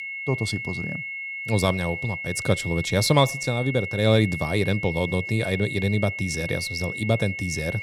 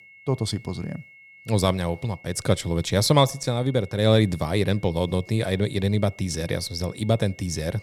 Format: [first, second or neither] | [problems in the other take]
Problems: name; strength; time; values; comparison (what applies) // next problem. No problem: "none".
second | high-pitched whine; loud; throughout; 2 kHz, 6 dB below the speech; faint in the second